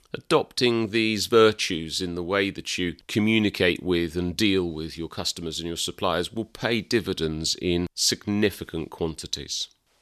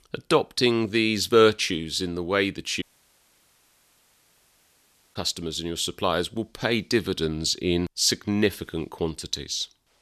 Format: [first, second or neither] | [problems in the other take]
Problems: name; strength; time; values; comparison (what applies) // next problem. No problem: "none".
first | audio cutting out; at 3 s for 2.5 s